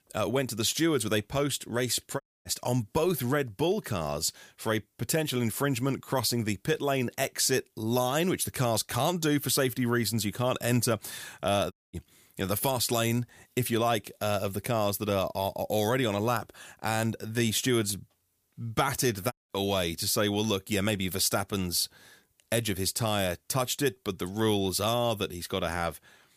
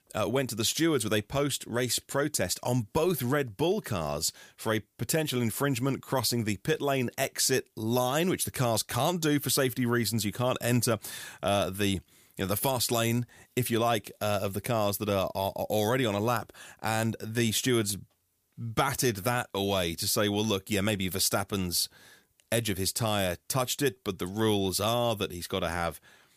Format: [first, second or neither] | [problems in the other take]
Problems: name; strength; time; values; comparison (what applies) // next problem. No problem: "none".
second | audio cutting out; at 2 s, at 12 s and at 19 s